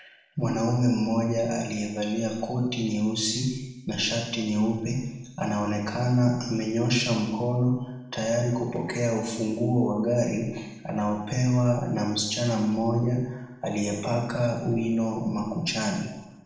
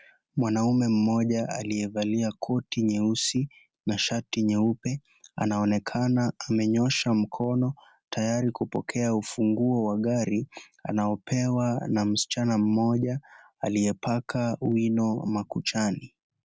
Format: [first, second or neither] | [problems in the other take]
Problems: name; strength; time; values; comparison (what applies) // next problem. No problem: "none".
second | room echo; dies away in 0.9 s